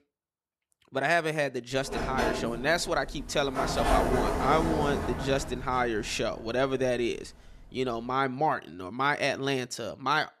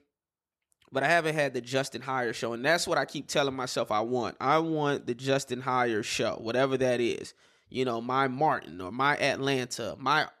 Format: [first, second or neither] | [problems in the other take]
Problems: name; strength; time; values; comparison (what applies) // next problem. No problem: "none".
second | door banging; loud; from 2 to 6 s; peak 3 dB above the speech